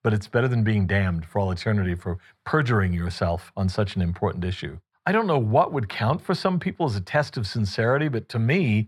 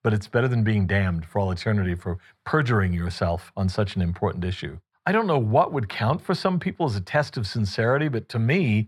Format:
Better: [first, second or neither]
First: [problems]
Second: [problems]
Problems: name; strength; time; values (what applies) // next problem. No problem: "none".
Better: neither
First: muffled; slightly; fading above 3 kHz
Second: muffled; slightly; fading above 3 kHz